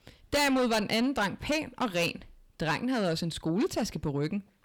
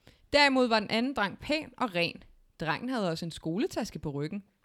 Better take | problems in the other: second | distortion; heavy; 6 dB below the speech

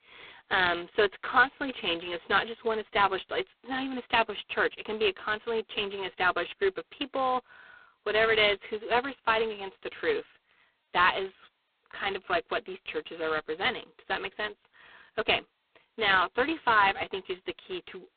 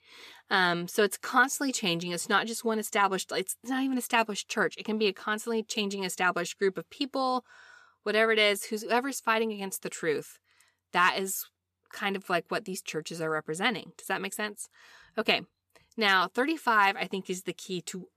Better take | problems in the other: second | phone-call audio; poor line; nothing above 3.5 kHz

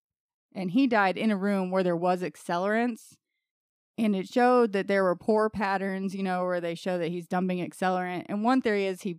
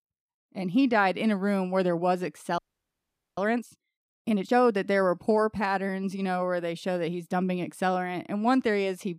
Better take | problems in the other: first | audio freezing; at 2.5 s for 1 s

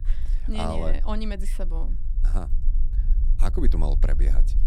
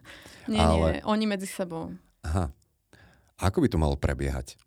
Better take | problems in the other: second | low rumble; noticeable; throughout; 15 dB below the speech

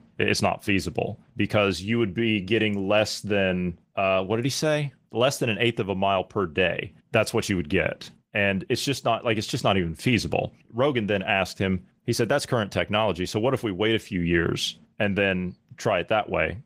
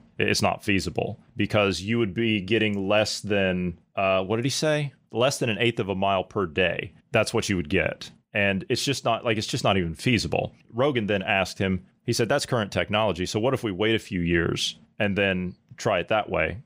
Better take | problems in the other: second | garbled, watery; slightly; nothing above 15.5 kHz

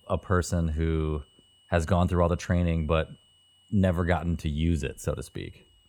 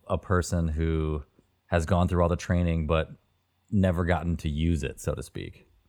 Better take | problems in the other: second | high-pitched whine; faint; throughout; 3 kHz, 30 dB below the speech

